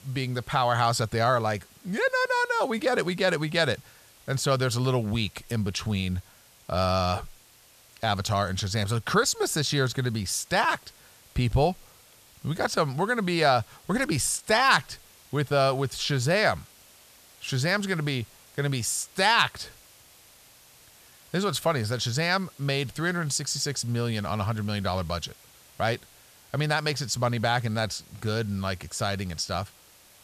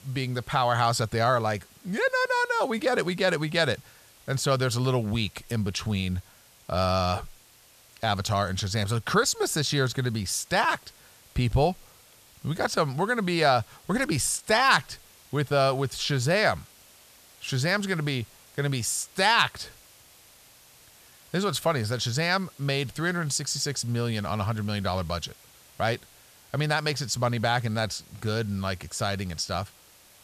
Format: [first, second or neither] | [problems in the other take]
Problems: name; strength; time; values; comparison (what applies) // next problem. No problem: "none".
neither | hiss; faint; throughout; 25 dB below the speech; the same in both